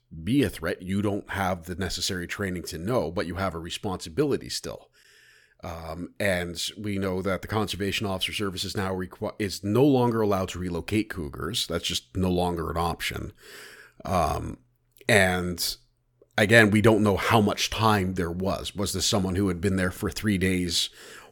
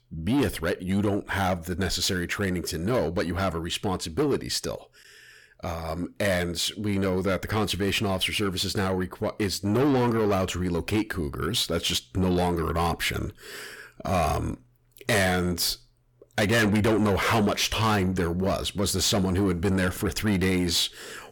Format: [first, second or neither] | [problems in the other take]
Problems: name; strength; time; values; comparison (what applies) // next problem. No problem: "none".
first | distortion; heavy; 7 dB below the speech